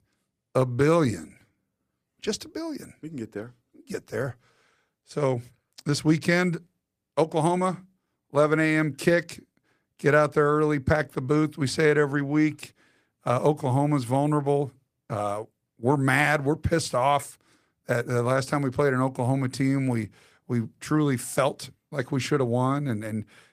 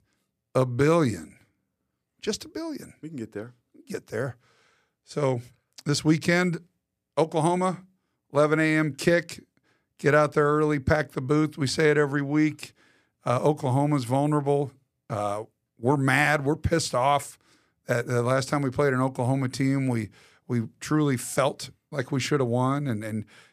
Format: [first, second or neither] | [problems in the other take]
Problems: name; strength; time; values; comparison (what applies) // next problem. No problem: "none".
second | garbled, watery; slightly; nothing above 15 kHz